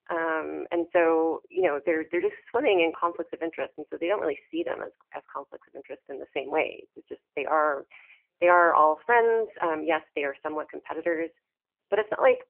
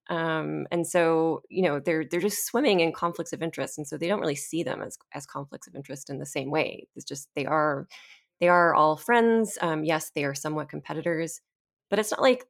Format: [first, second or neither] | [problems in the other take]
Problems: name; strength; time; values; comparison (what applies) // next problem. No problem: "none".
second | phone-call audio; poor line; nothing above 3 kHz